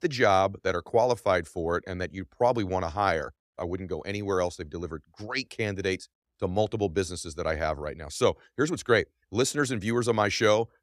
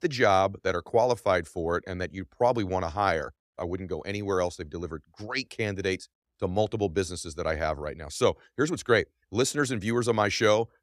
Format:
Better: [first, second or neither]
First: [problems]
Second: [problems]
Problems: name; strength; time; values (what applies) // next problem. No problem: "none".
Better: neither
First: none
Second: none